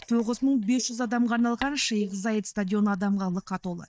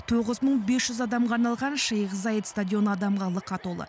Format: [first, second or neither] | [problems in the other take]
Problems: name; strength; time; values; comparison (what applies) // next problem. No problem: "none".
second | noise reduction (neural mask model DeepFilterNet 3)